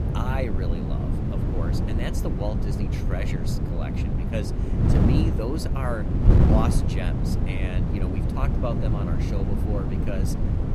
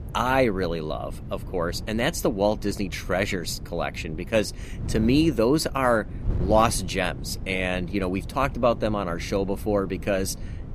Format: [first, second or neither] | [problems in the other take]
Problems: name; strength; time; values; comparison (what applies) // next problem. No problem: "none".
second | wind noise on the microphone; heavy; 1 dB above the speech; occasional gusts in the second